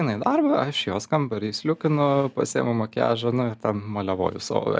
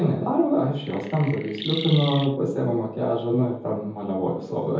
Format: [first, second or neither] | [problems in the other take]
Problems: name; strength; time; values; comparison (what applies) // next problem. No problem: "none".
first | background sound (Chirp, tweet); 11 dB below the speech // room echo; dies away in 0.7 s